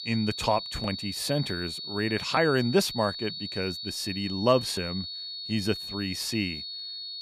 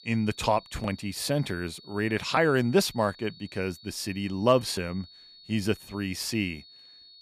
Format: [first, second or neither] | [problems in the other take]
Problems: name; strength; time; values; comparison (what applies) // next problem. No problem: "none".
second | high-pitched whine; loud; throughout; 4.5 kHz, 6 dB below the speech; faint in the second